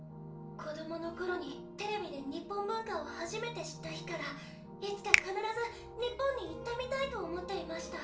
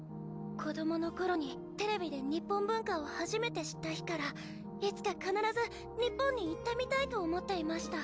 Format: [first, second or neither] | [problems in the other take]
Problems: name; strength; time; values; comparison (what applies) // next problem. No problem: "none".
second | background sound (Finger snapping); 2 dB above the speech // room echo; dies away in 0.3 s